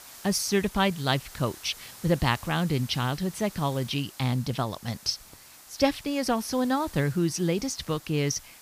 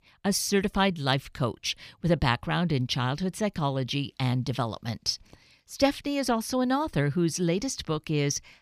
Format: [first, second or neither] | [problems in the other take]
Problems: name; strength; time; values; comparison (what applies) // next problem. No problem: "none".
second | hiss; noticeable; throughout; 20 dB below the speech